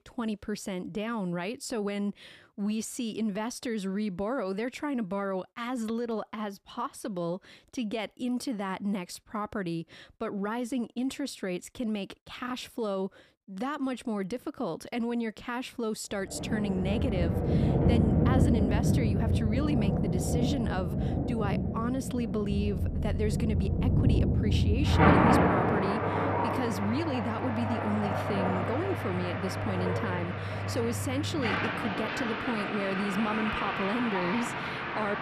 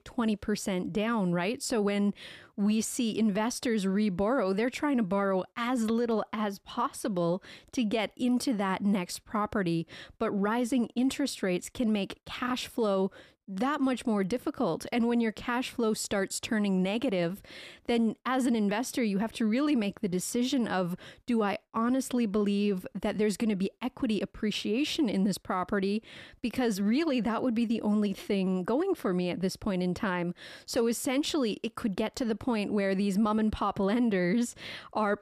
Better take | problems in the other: second | rain or running water; very loud; from 17 s on; 4 dB above the speech

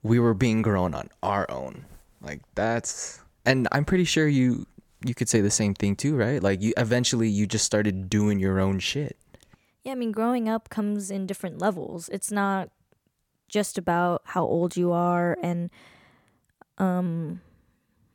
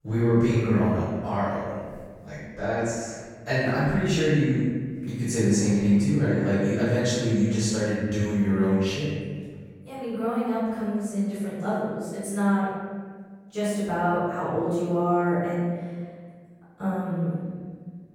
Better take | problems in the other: first | room echo; strong; dies away in 1.6 s // off-mic speech; far

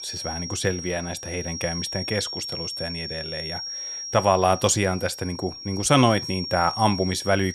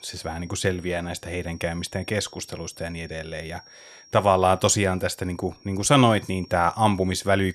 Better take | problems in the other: second | high-pitched whine; loud; throughout; 5.5 kHz, 7 dB below the speech; faint in the second

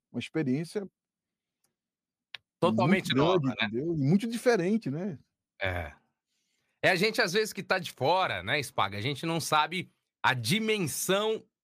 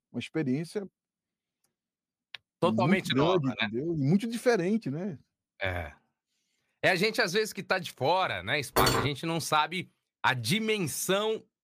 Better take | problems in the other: first | clattering dishes; loud; at 9 s; peak 3 dB above the speech

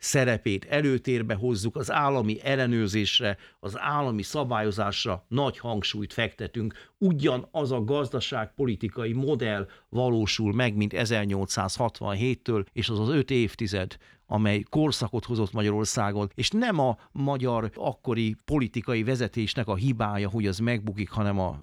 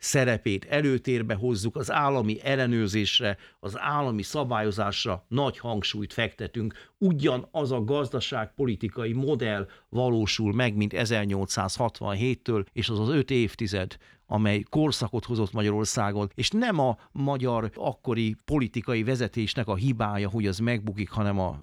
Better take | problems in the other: neither | none

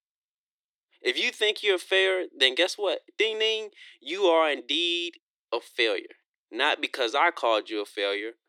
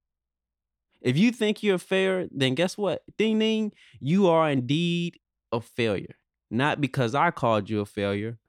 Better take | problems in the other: second | thin; very; fading below 350 Hz

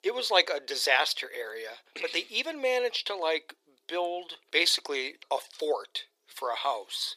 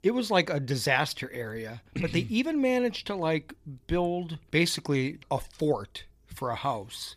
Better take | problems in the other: second | thin; very; fading below 400 Hz

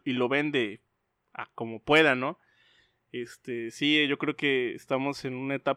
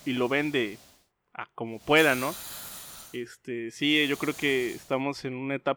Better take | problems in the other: first | hiss; noticeable; at the start, from 2 to 3 s and at 4 s; 15 dB below the speech

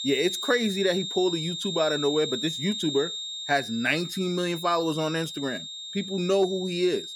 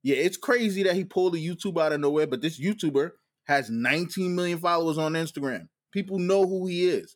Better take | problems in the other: second | high-pitched whine; loud; throughout; 3.5 kHz, 5 dB below the speech

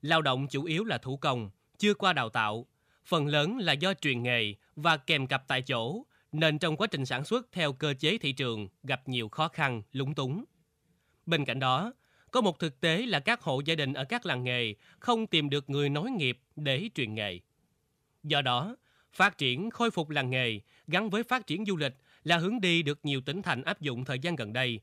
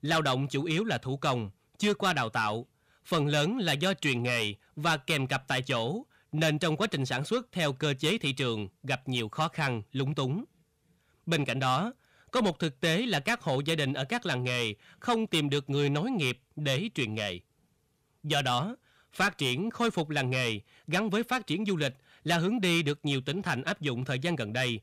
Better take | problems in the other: first | distortion; slight; 10 dB below the speech

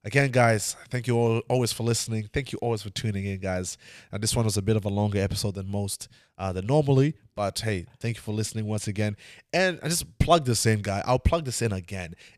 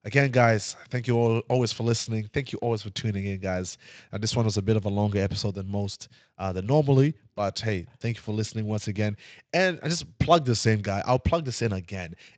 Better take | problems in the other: first | garbled, watery; slightly; nothing above 7.5 kHz

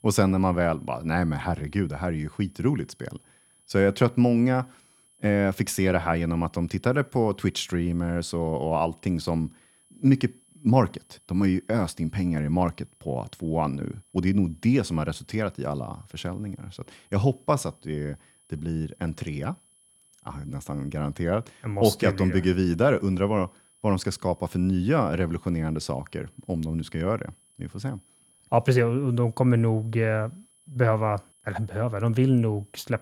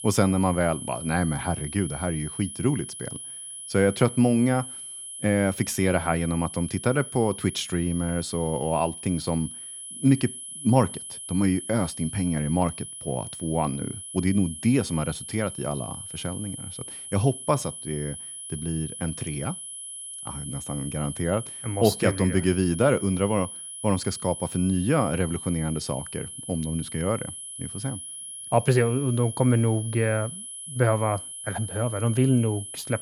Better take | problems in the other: first | high-pitched whine; loud; throughout; 10.5 kHz, 9 dB below the speech; faint in the first

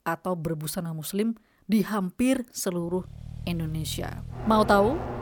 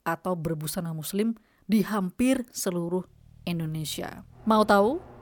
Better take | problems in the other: second | traffic noise; loud; from 3 s on; 9 dB below the speech; faint in the second

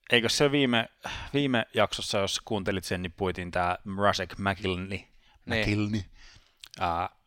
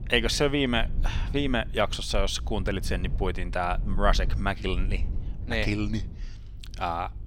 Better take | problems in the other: first | low rumble; faint; throughout; 20 dB below the speech

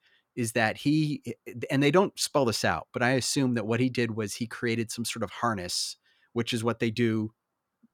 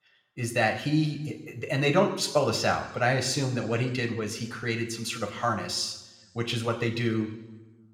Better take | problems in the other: first | room echo; slight; dies away in 0.9 s

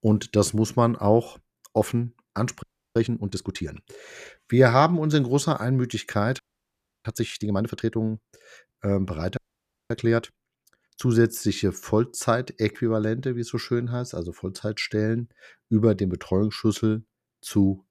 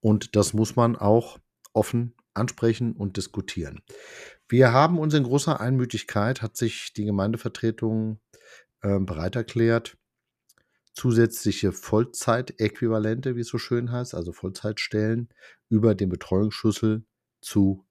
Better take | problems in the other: second | audio freezing; at 2.5 s, at 6.5 s for 0.5 s and at 9.5 s for 0.5 s

